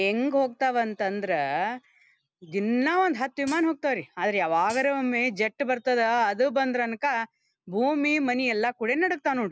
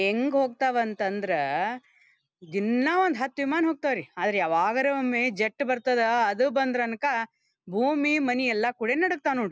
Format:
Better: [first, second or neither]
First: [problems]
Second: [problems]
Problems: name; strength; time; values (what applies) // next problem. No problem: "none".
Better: second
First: background sound (Hi-hat); 19 dB below the speech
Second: none